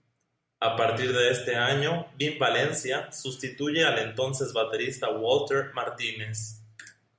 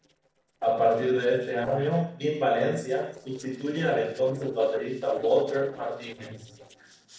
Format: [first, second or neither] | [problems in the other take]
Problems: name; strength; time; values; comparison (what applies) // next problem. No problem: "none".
first | noise reduction (neural separator model SepFormer DNS4)